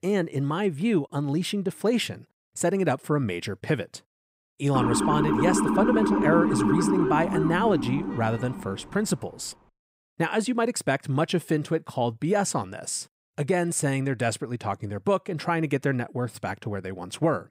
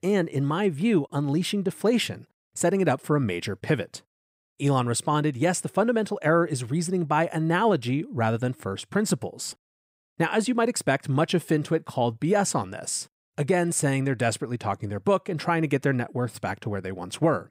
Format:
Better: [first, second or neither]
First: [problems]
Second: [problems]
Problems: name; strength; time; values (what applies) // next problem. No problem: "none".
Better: second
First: siren; loud; from 4.5 to 8.5 s; peak 4 dB above the speech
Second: none